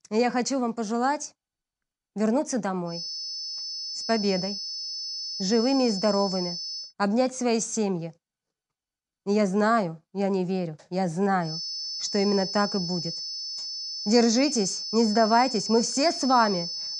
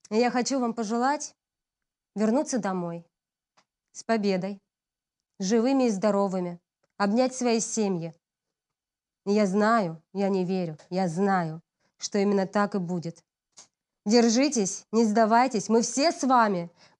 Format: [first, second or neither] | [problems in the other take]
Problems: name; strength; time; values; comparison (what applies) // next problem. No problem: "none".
second | high-pitched whine; loud; from 3 to 7 s and from 11 s on; 5 kHz, 6 dB below the speech